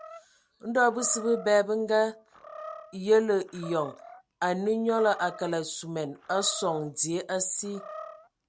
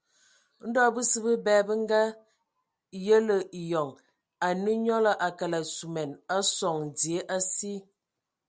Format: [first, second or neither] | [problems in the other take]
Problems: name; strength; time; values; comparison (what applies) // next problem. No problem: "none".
second | background sound (Animal); 17 dB below the speech